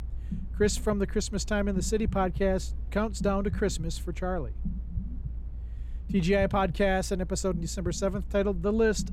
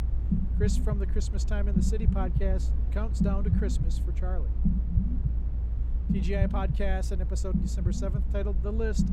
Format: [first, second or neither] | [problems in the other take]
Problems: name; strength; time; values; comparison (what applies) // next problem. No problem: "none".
first | low rumble; loud; throughout; 4 dB below the speech; faint in the first